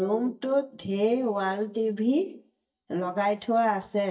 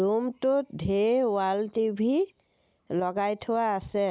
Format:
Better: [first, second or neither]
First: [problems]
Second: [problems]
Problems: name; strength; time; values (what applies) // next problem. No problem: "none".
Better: second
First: noise reduction (neural mask model DeepFilterNet 3)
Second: none